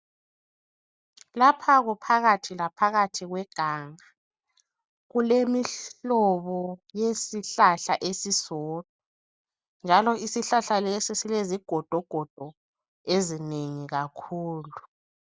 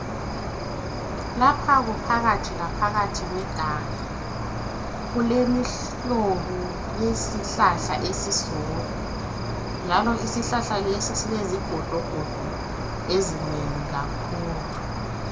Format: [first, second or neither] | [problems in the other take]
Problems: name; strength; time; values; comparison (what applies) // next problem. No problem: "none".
first | background sound (Cricket); 3 dB below the speech // room echo; dies away in 0.6 s